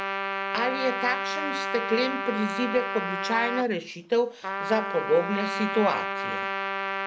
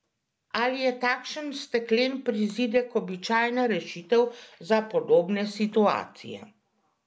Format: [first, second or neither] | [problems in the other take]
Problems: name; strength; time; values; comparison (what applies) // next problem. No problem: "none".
second | background sound (Trumpet); 2 dB below the speech